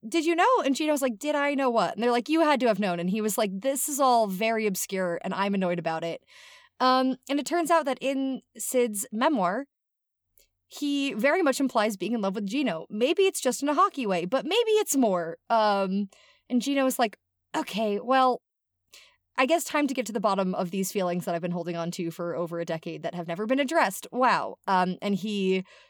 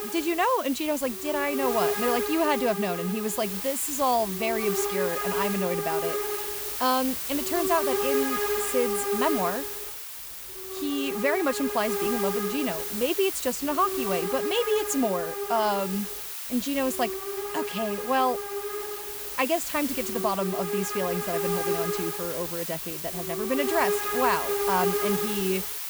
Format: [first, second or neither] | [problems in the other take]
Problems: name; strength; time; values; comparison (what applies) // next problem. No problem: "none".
first | hiss; loud; throughout; 1 dB below the speech